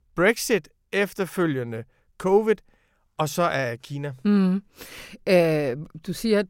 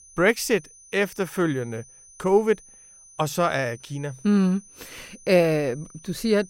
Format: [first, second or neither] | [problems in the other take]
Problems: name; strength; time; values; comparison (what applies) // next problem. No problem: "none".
first | high-pitched whine; faint; throughout; 6 kHz, 25 dB below the speech